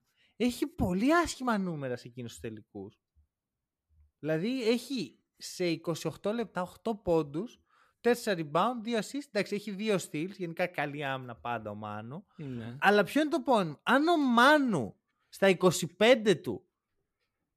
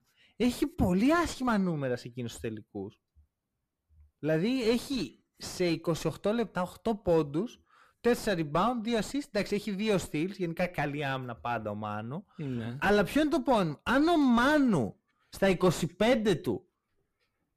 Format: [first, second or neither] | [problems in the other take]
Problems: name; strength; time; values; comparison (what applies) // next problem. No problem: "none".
first | distortion; heavy; 5 dB below the speech